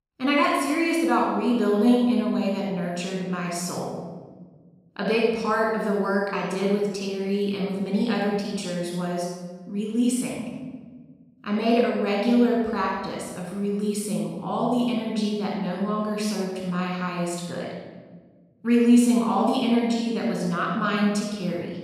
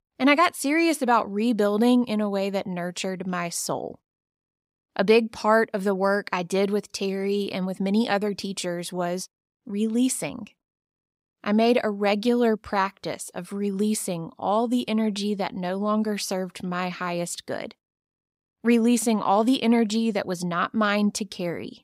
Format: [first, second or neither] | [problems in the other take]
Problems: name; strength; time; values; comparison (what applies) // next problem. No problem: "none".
second | off-mic speech; far // room echo; strong; dies away in 1.5 s